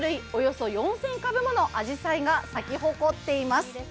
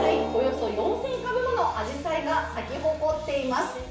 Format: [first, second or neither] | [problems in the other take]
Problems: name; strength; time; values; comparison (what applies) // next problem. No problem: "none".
first | background sound (Drum); 7 dB below the speech // room echo; dies away in 0.6 s